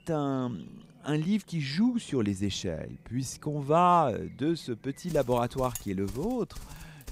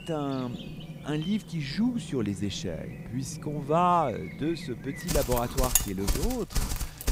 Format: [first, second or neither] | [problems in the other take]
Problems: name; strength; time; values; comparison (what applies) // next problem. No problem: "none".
first | animal sounds; loud; throughout; 4 dB below the speech; faint in the first